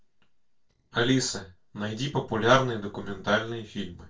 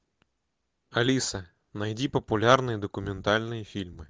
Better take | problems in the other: second | noise reduction (neural separator model SepFormer DNS4)

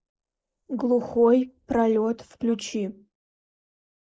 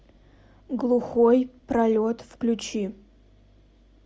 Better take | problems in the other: second | noise reduction (neural mask model Resemble Enhance denoiser)

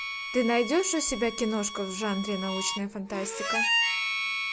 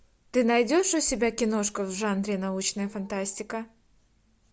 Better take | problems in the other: second | background sound (Harmonica); 2 dB below the speech

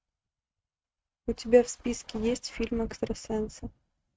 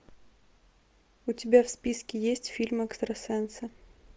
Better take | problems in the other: second | noise reduction (neural mask model RNNoise)

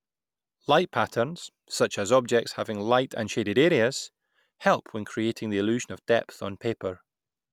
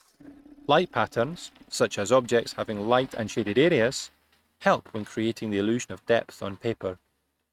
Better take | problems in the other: first | noise reduction (neural mask model RNNoise)

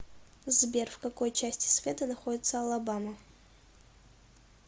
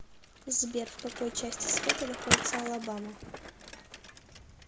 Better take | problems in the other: first | background sound (Bicycle); 1 dB above the speech

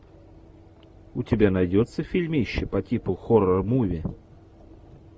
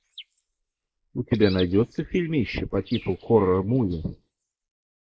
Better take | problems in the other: first | noise reduction (neural mask model Resemble Enhance denoiser)

